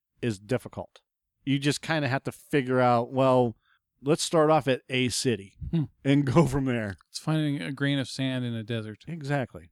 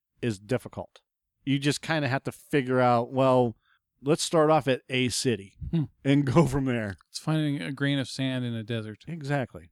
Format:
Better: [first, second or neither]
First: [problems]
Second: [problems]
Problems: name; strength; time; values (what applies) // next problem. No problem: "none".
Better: neither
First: none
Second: none